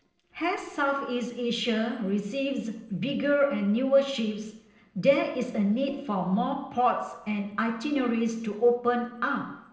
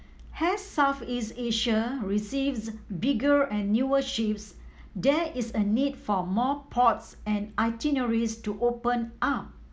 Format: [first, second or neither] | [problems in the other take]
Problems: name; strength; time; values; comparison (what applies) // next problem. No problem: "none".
second | noise reduction (neural separator model SepFormer DNS4)